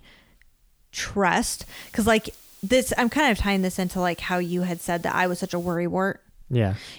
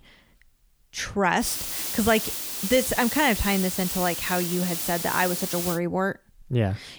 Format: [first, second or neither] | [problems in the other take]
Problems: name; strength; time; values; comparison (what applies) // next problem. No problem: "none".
first | hiss; loud; from 1.5 to 6 s; 3 dB below the speech; faint in the first